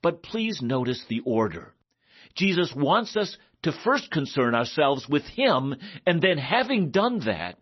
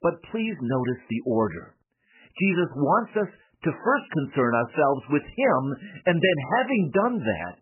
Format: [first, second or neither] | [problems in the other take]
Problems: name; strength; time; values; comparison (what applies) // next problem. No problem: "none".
first | garbled, watery; badly; nothing above 3 kHz; slightly in the first